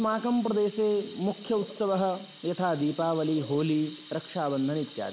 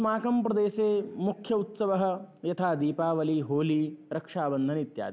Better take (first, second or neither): second